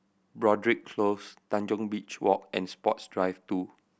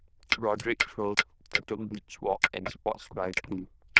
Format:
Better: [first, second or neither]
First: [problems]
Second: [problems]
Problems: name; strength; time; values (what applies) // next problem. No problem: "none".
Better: first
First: none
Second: noise reduction (neural diffusion model UNIVERSE++)